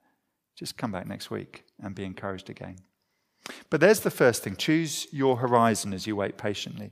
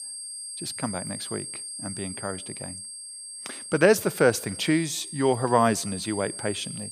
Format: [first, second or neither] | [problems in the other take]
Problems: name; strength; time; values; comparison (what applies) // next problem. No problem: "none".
first | high-pitched whine; loud; throughout; 8.5 kHz, 10 dB below the speech